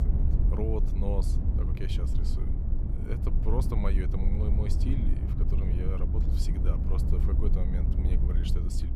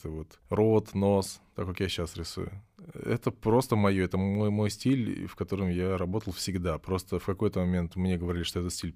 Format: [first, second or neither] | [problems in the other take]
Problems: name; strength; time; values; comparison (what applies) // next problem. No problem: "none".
second | low rumble; loud; throughout; 2 dB below the speech